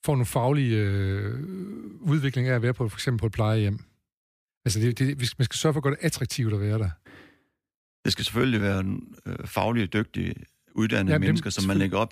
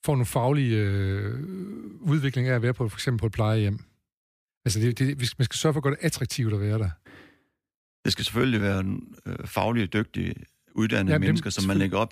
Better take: neither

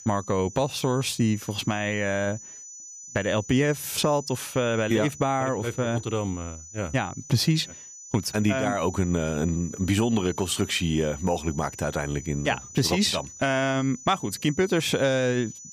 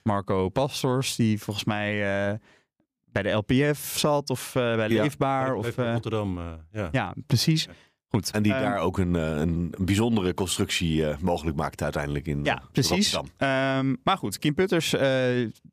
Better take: second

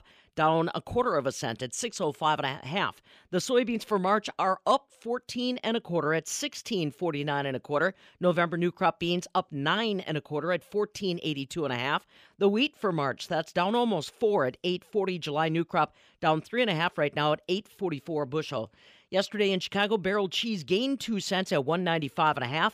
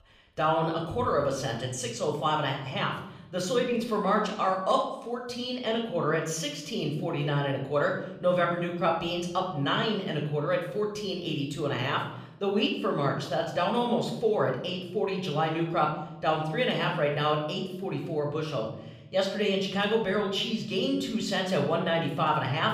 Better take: first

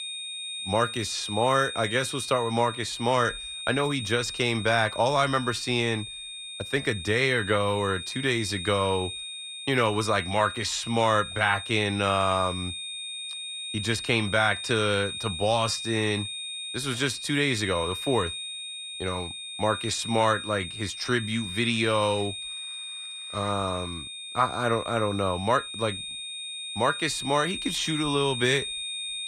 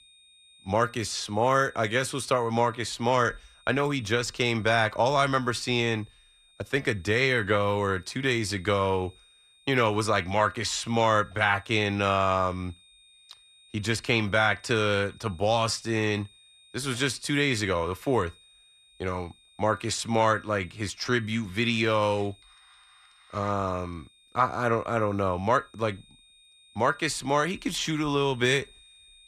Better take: second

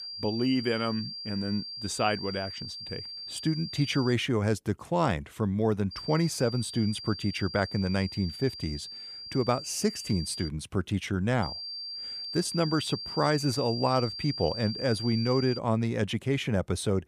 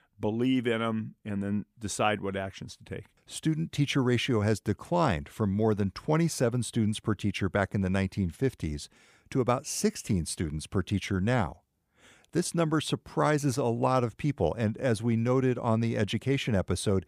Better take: second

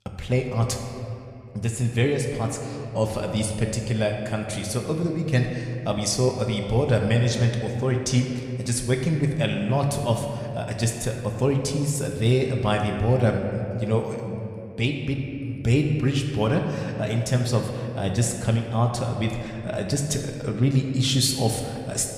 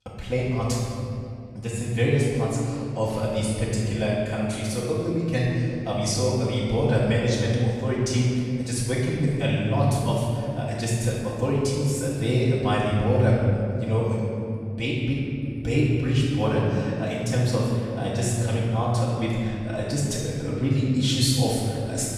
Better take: first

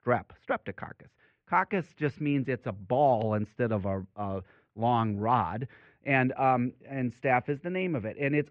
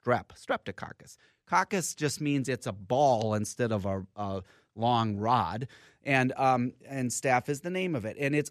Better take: second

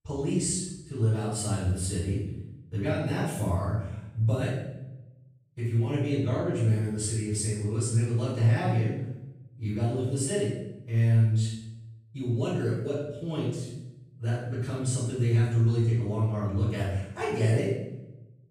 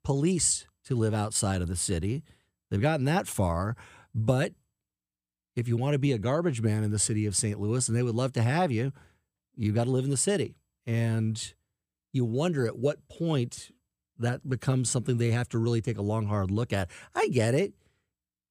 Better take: second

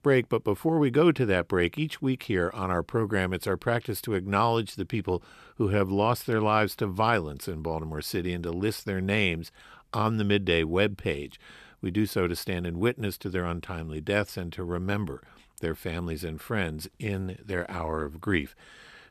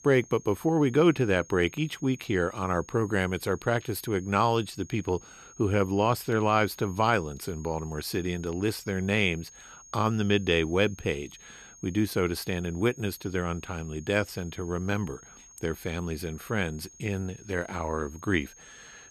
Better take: first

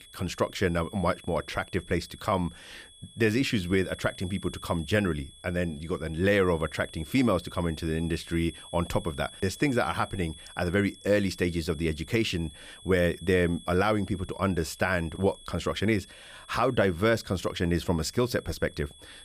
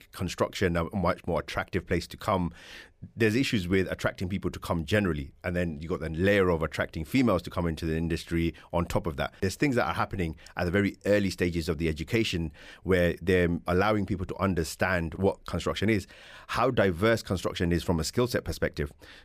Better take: second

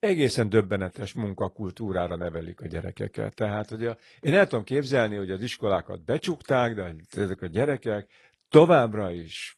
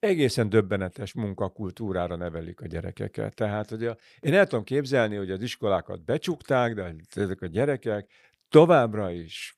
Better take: second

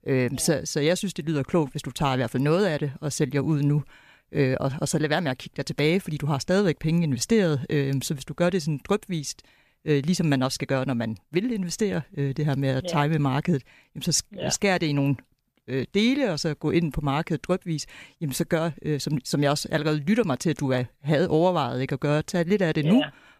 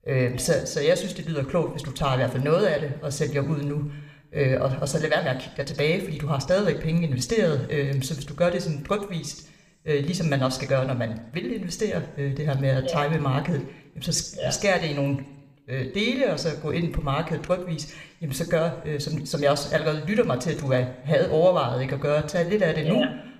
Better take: first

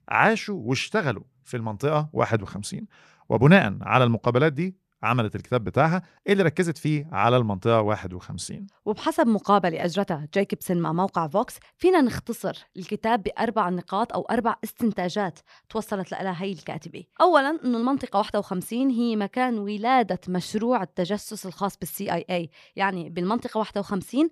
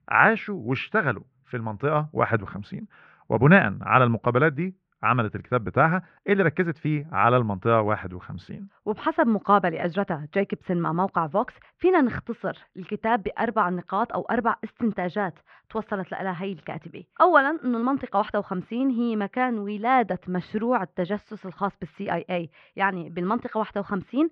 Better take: first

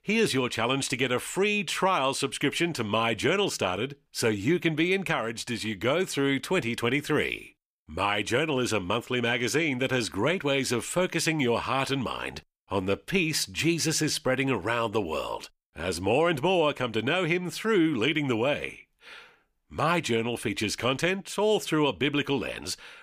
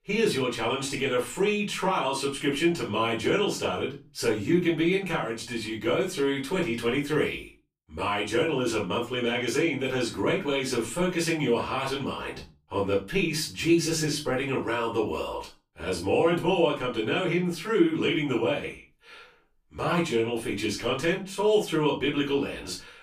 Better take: first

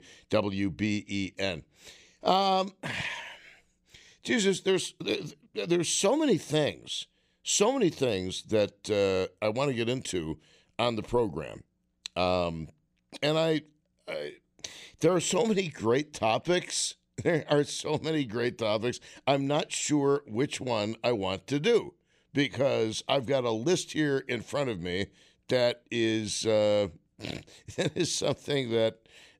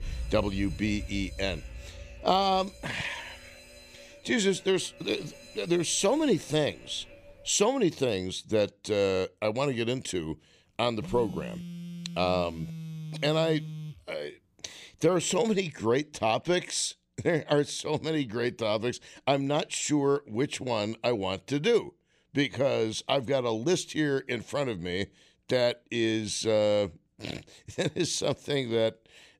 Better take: first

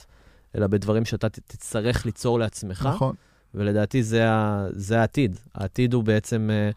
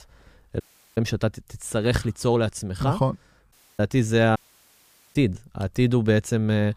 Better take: first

